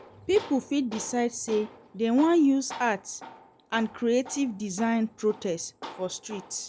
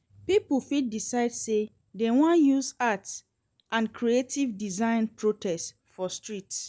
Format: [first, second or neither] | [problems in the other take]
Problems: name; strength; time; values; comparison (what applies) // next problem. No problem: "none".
second | background sound (Tools); 18 dB below the speech